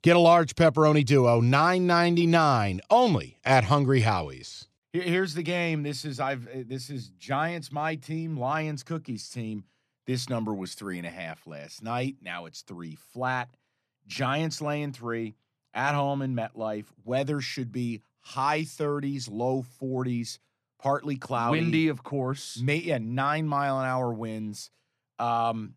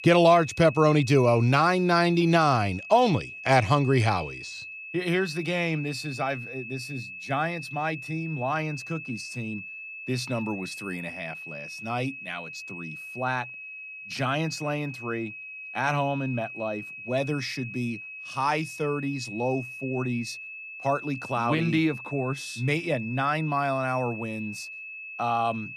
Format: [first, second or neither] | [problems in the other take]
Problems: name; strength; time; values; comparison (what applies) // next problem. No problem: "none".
first | high-pitched whine; noticeable; throughout; 2.5 kHz, 10 dB below the speech